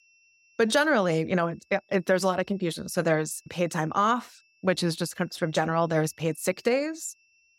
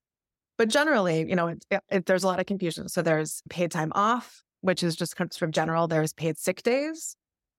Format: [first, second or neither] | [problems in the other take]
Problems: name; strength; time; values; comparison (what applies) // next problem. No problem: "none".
second | high-pitched whine; faint; throughout; 2.5 kHz, 35 dB below the speech